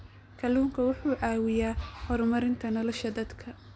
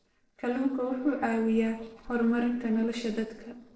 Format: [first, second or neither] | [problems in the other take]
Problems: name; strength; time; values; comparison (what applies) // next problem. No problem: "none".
first | noise reduction (neural separator model SepFormer DNS4)